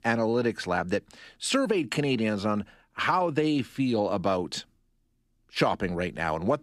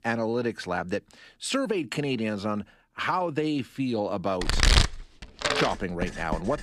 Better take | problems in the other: first | household noises; very loud; from 4.5 s on; 3 dB above the speech

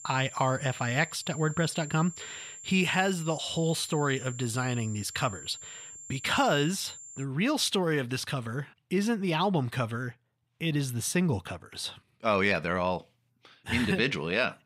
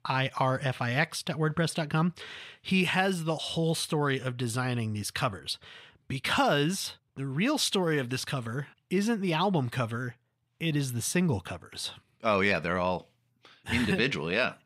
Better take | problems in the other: second | high-pitched whine; noticeable; until 7 s; 7.5 kHz, 15 dB below the speech

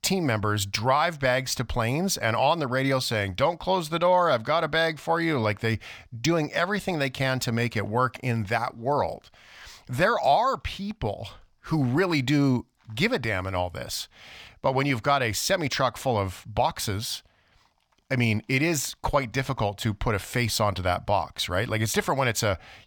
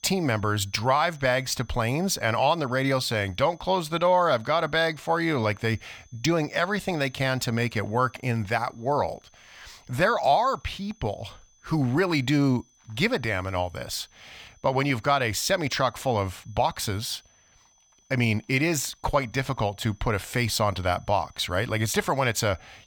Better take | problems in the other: first | high-pitched whine; faint; throughout; 6 kHz, 30 dB below the speech

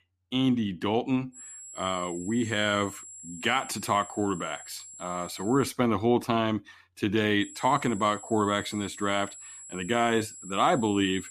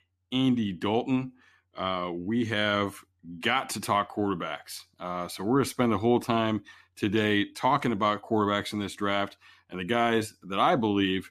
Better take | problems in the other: second | high-pitched whine; noticeable; from 1.5 to 5.5 s and from 7.5 s on; 7.5 kHz, 15 dB below the speech

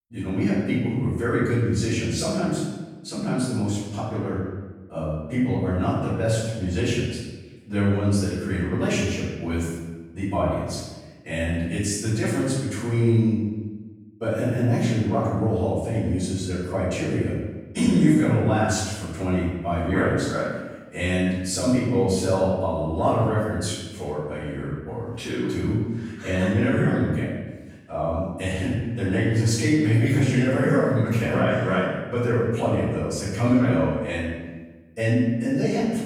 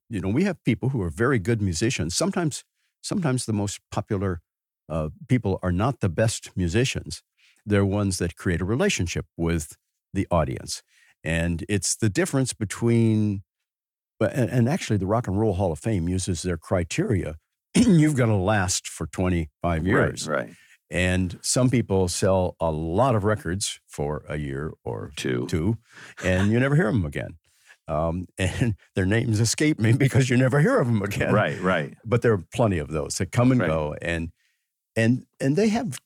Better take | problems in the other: second | off-mic speech; far // room echo; strong; dies away in 1.1 s

